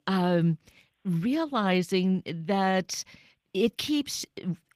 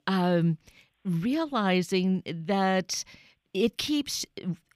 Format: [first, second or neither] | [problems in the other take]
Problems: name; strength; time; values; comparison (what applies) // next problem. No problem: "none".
second | garbled, watery; slightly; nothing above 15 kHz